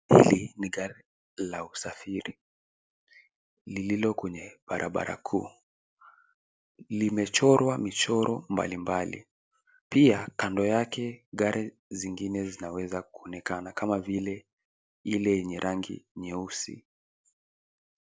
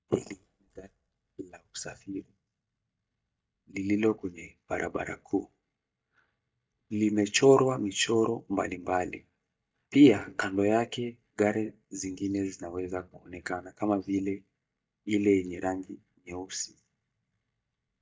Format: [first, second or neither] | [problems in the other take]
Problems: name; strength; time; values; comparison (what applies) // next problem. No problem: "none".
first | noise reduction (neural mask model DeepFilterNet 3)